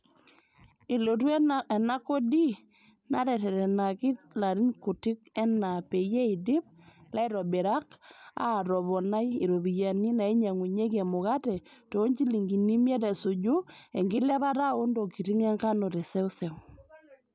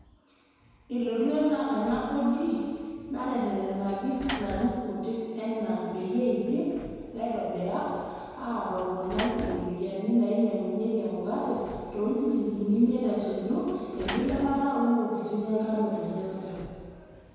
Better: first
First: none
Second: background sound (Sliding door / Slam); 16 dB below the speech // room echo; dies away in 1.9 s

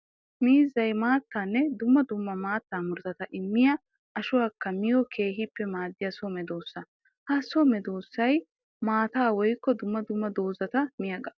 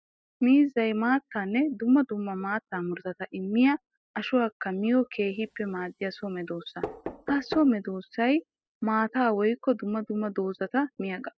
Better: first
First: none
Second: noise reduction (classical method spectral subtraction)

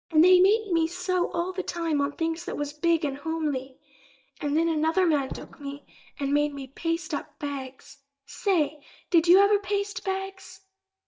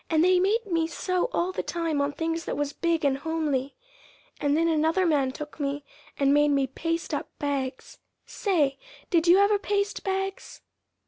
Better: second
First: noise reduction (neural mask model DeepFilterNet 3)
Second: none

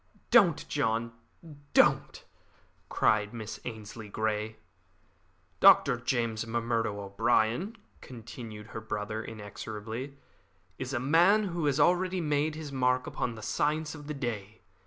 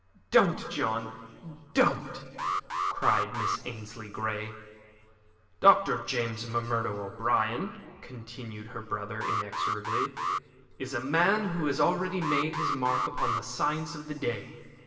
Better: first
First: none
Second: background sound (Alarm); 2 dB below the speech // room echo; dies away in 2.3 s

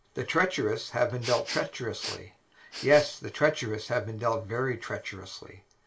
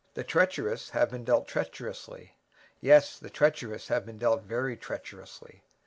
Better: second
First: background sound (Respiratory sounds); 12 dB below the speech // room echo; dies away in 0.2 s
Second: none

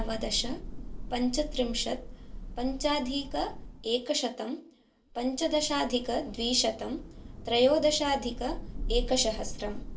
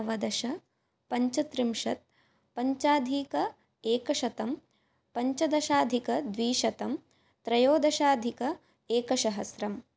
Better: second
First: background sound (Thunder / Rain); 8 dB below the speech // room echo; dies away in 0.2 s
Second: none

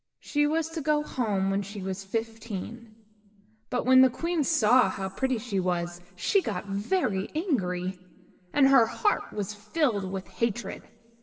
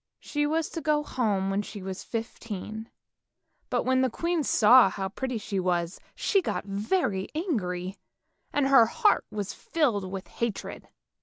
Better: second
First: room echo; dies away in 2.8 s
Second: none

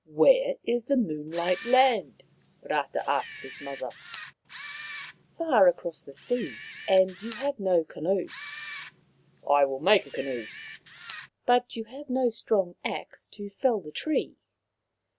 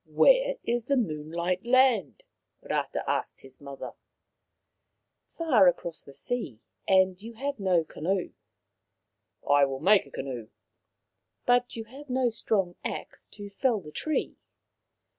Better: second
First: background sound (Camera); 16 dB below the speech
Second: none

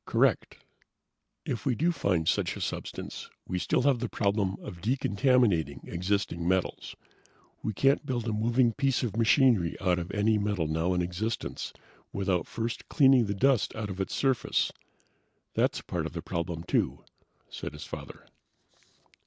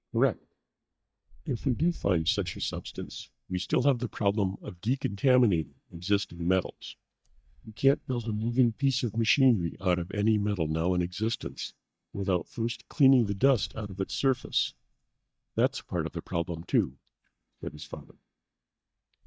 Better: first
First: none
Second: noise reduction (neural mask model DeepFilterNet 3)

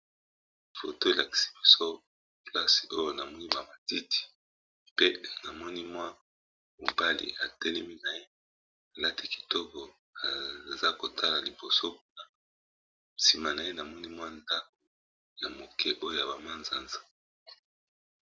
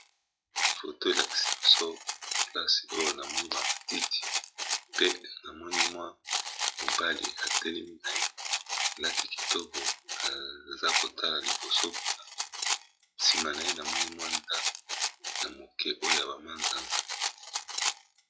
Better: first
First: none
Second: noise reduction (classical method log-MMSE)

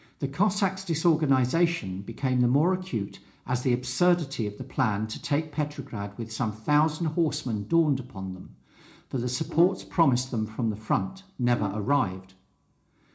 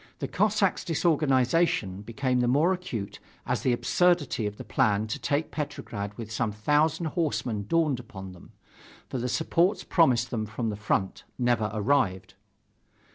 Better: second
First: background sound (Brass instrument); 11 dB below the speech // room echo; dies away in 0.4 s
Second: none

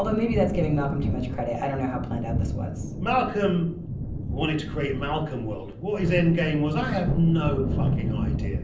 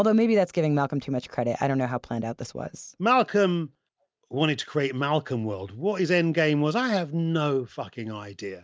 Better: second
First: background sound (Thunder); 3 dB below the speech // room echo; dies away in 0.6 s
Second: none

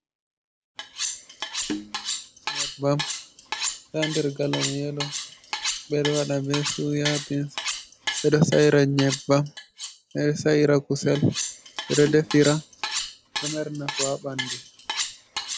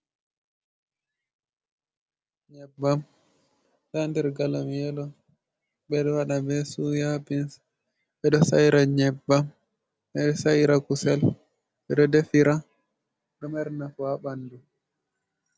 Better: second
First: background sound (Cutlery, silverware); 7 dB below the speech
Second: none

